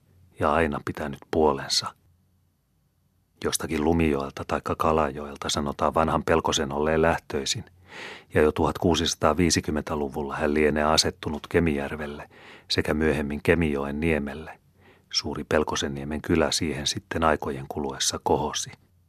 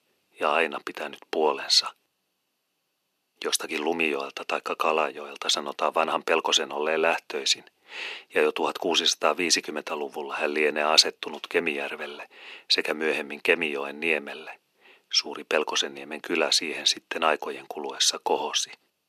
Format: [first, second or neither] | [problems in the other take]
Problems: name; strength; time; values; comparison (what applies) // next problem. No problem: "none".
first | thin; somewhat; fading below 350 Hz